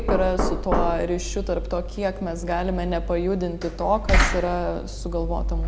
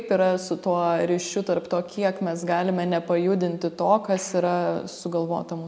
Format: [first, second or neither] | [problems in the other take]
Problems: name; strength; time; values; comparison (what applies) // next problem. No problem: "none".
second | background sound (Knock); as loud as the speech